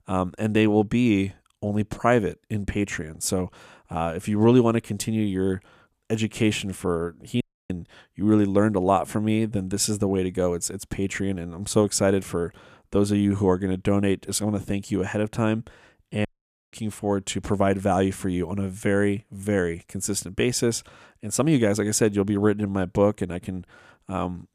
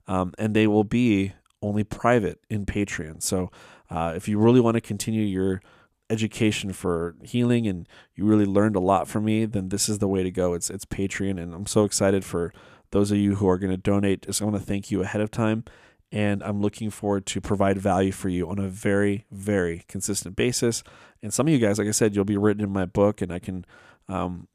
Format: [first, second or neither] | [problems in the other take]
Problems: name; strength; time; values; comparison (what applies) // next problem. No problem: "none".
second | audio cutting out; at 7.5 s and at 16 s